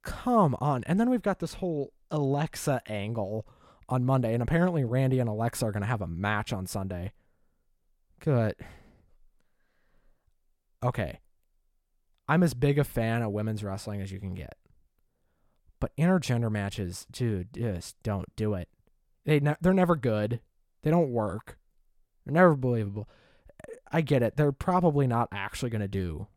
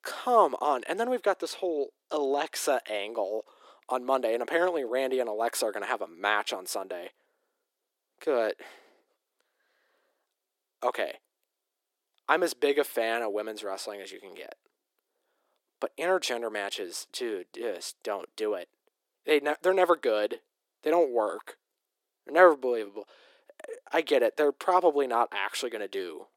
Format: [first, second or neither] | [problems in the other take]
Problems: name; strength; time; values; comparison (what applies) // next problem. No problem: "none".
first | thin; very; fading below 350 Hz